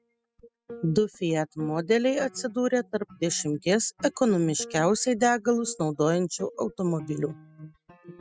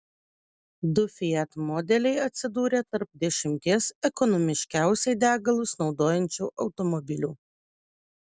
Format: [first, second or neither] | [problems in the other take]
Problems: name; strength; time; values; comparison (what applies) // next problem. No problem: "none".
second | noise reduction (classical method spectral subtraction)